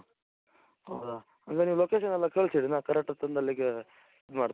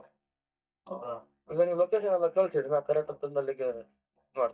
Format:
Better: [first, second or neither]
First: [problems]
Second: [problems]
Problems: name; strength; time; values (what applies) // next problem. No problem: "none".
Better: first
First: none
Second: noise reduction (neural mask model DeepFilterNet 3)